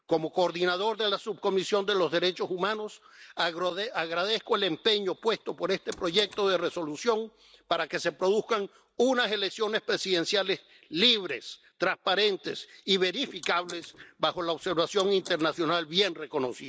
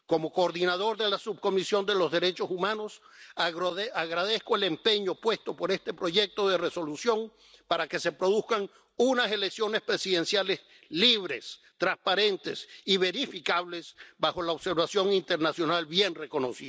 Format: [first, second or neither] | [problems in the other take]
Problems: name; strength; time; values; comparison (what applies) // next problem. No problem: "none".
second | noise reduction (neural mask model Resemble Enhance denoiser)